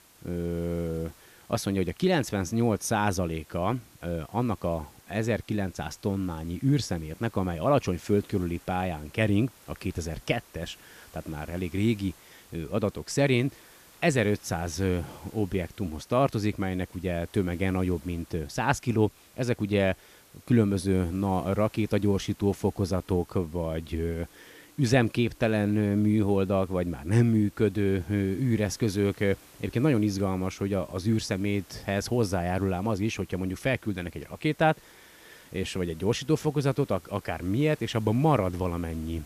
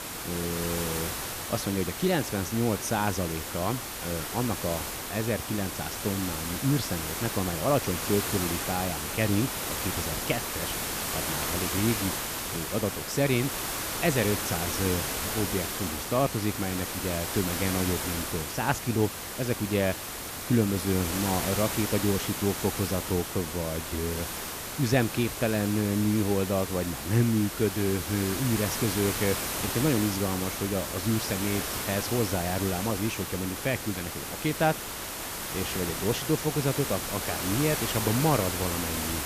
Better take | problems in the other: first | hiss; loud; throughout; 2 dB below the speech; faint in the first

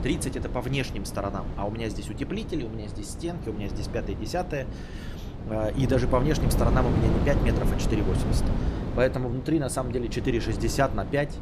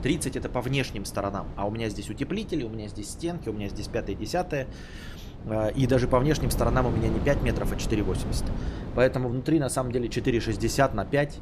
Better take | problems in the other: second | wind noise on the microphone; heavy; 7 dB below the speech; occasional gusts in the second

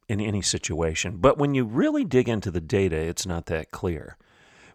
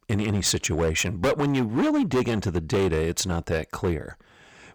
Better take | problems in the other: first | distortion; heavy; 12% of the sound clipped

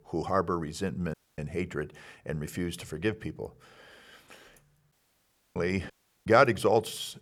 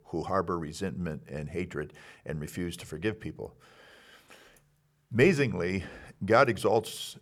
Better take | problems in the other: second | audio cutting out; at 1 s, at 5 s for 0.5 s and at 6 s

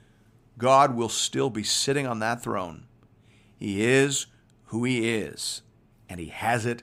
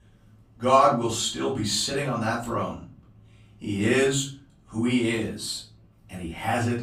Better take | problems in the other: first | room echo; slight; dies away in 0.4 s // off-mic speech; far

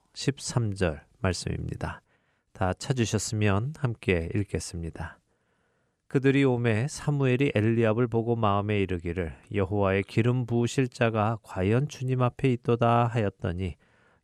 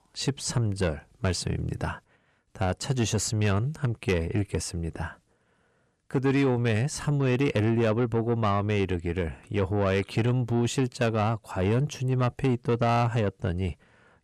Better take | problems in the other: first | distortion; slight; 10 dB below the speech

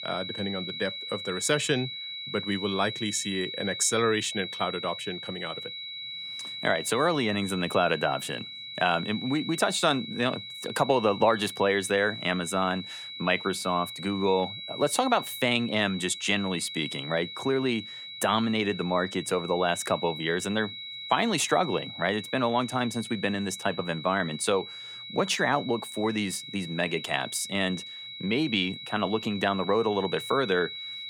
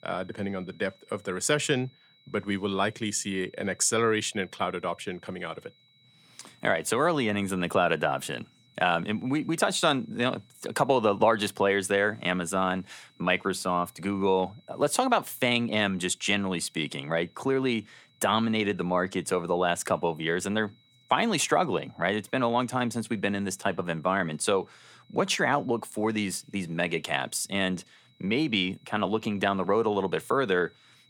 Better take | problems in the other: second | high-pitched whine; loud; throughout; 4 kHz, 9 dB below the speech; faint in the second

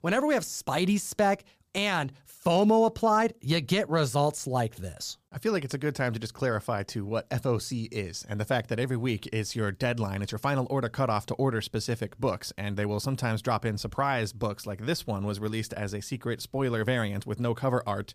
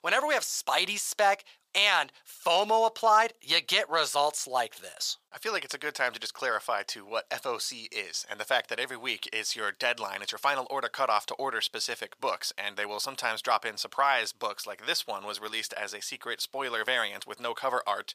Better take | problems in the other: first | thin; very; fading below 850 Hz

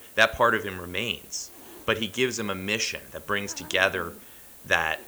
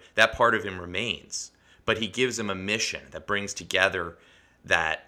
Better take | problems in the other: second | hiss; noticeable; throughout; 20 dB below the speech

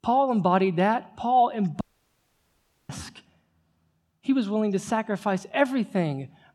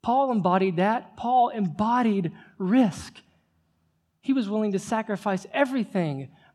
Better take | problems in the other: second | audio cutting out; at 2 s for 1 s

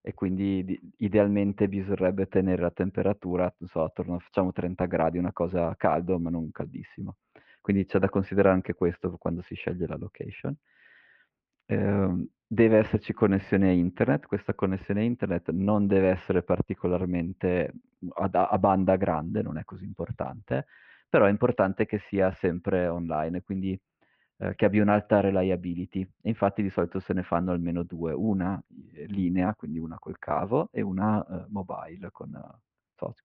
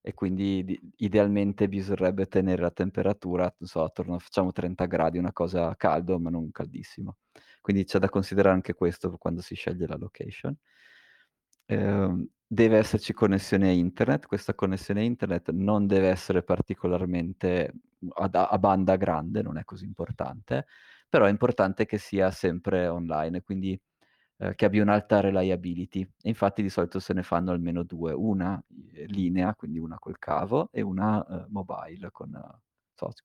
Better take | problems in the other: second | muffled; very; fading above 2.5 kHz

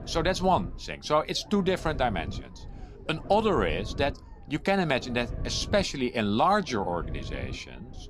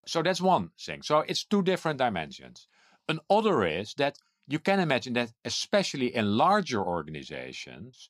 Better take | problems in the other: second | low rumble; faint; throughout; 20 dB below the speech

